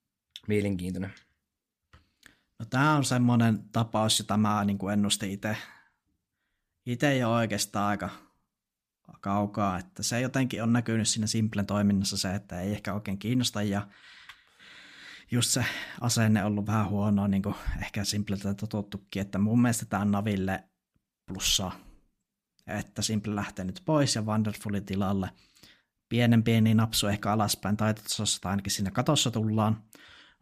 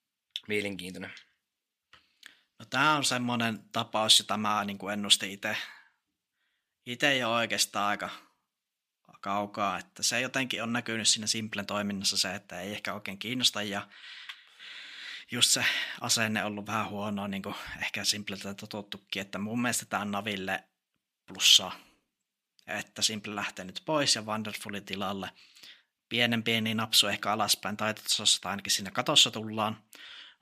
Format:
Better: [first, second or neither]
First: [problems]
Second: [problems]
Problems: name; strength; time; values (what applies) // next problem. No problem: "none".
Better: first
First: none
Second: thin; somewhat; fading below 1 kHz